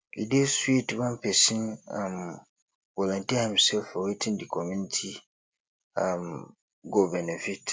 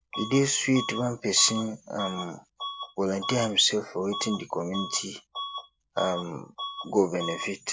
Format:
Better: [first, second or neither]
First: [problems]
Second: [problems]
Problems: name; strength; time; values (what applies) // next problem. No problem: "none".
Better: first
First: none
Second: background sound (Bus / Alarm); 10 dB below the speech